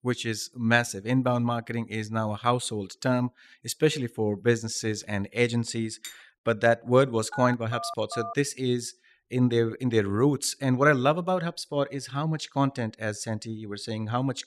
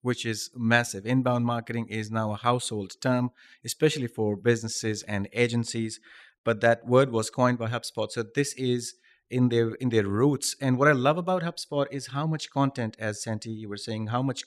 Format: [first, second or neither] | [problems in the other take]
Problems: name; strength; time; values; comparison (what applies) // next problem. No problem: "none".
second | clattering dishes; faint; at 6 s; peak 15 dB below the speech // phone ringing; noticeable; from 7.5 to 8.5 s; peak 10 dB below the speech